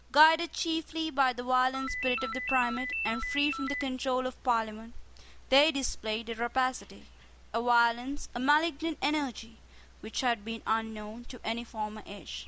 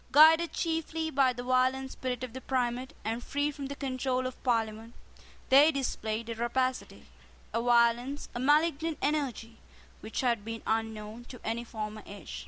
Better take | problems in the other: second | background sound (Ringtone); 4 dB below the speech

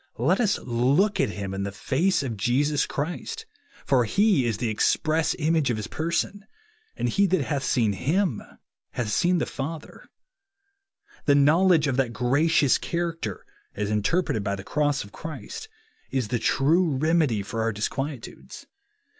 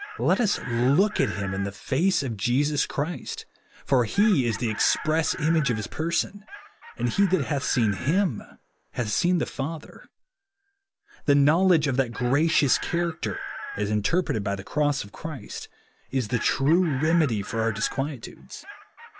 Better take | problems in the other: first | background sound (Chicken, rooster); 15 dB below the speech

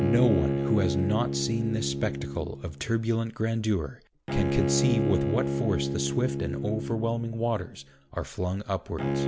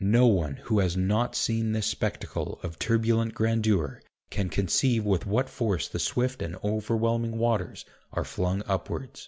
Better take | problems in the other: second | background sound (Bowed string instrument); 1 dB below the speech

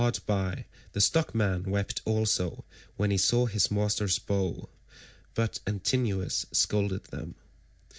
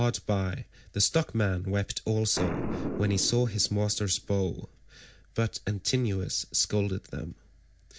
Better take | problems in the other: first | background sound (Boom); 12 dB below the speech

